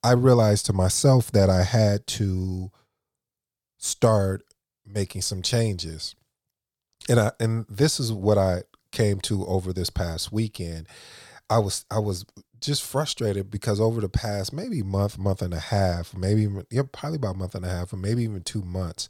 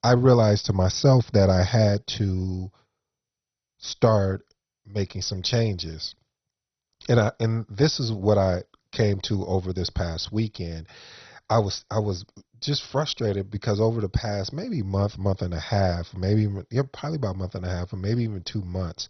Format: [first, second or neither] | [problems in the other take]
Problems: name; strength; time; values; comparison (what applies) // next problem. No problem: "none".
first | garbled, watery; badly; nothing above 6 kHz